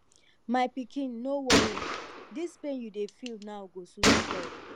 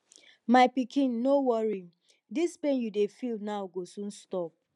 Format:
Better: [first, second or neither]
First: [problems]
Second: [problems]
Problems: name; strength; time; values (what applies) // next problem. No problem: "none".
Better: second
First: background sound (Gunshot, gunfire); 4 dB above the speech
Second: none